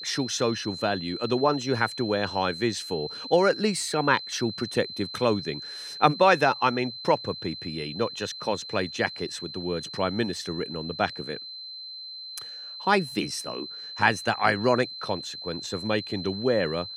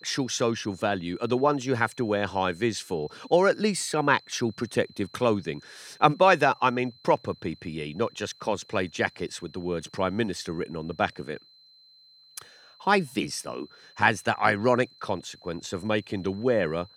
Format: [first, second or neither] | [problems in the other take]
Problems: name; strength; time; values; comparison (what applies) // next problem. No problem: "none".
second | high-pitched whine; loud; throughout; 4 kHz, 9 dB below the speech; faint in the second